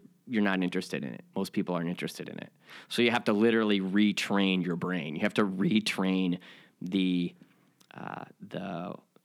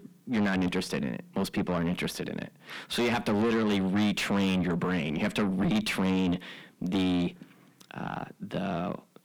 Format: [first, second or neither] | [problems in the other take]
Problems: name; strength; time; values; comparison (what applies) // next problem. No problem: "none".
first | distortion; heavy; 6 dB below the speech